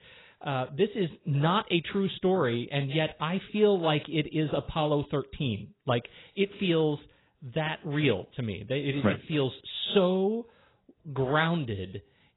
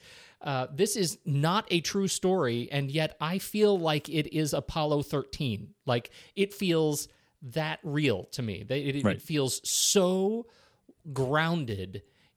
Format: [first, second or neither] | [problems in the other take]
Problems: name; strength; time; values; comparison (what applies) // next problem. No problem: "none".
second | garbled, watery; badly; nothing above 4 kHz